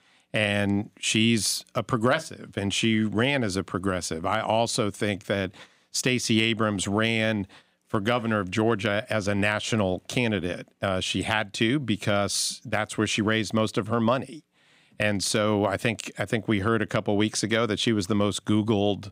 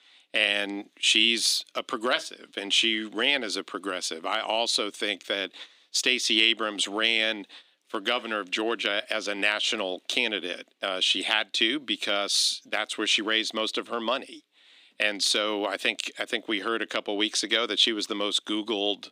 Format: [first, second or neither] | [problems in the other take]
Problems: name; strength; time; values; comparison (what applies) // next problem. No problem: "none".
first | thin; somewhat; fading below 300 Hz